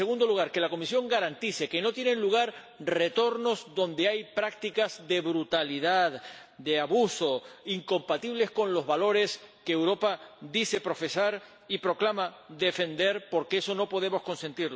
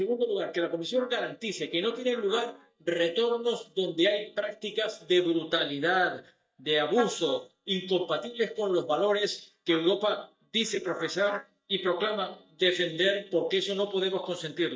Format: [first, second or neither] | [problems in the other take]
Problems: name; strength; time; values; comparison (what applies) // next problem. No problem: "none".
first | noise reduction (neural mask model DeepFilterNet 3)